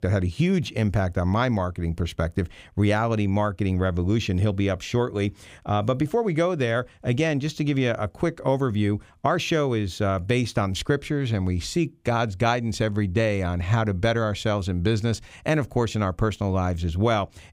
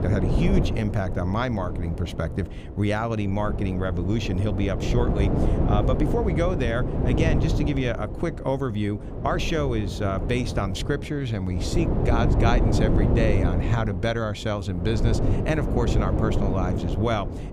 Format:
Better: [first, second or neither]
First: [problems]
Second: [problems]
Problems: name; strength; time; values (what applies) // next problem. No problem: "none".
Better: first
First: none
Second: wind noise on the microphone; heavy; 4 dB below the speech